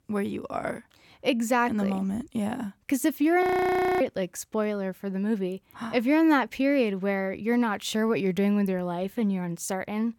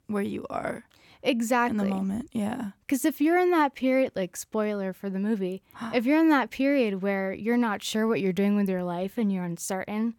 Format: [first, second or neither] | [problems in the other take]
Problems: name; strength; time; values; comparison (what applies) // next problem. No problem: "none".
second | audio freezing; at 3.5 s for 0.5 s